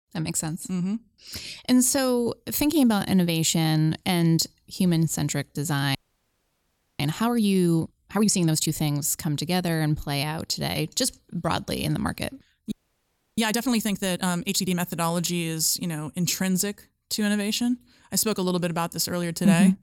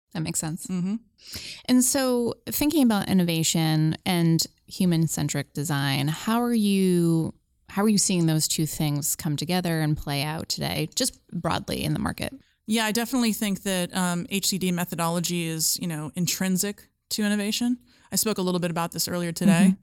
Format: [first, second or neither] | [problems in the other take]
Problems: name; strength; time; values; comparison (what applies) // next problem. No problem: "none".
second | audio freezing; at 6 s for 1 s and at 13 s for 0.5 s